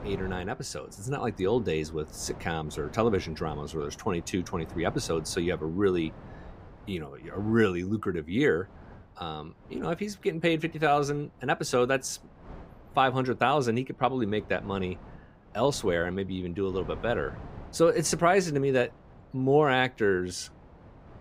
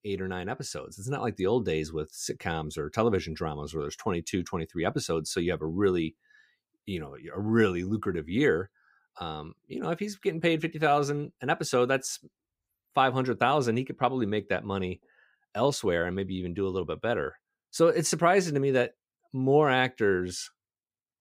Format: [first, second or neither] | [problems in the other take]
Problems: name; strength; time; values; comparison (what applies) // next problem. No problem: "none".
second | wind noise on the microphone; occasional gusts; 20 dB below the speech